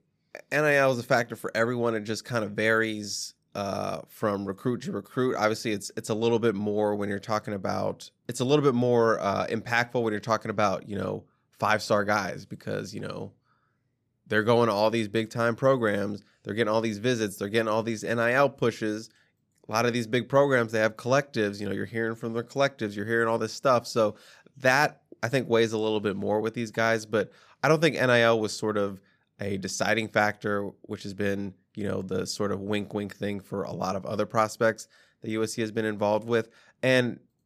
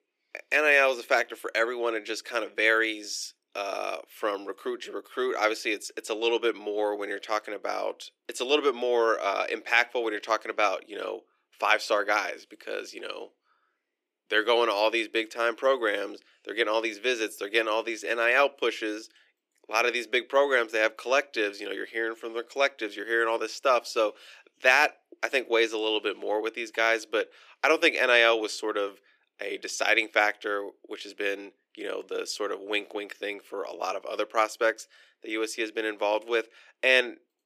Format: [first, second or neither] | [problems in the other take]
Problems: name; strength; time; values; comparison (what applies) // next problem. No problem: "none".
first | thin; very; fading below 350 Hz